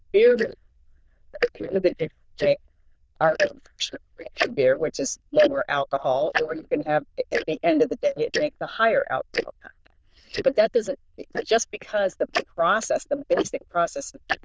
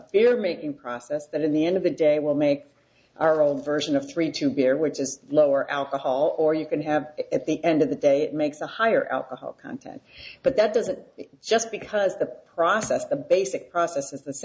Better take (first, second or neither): second